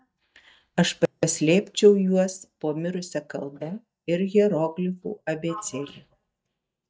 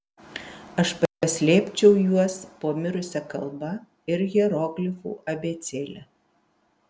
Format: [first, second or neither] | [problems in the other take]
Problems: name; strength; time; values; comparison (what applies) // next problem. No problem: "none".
second | noise reduction (neural mask model DeepFilterNet 3)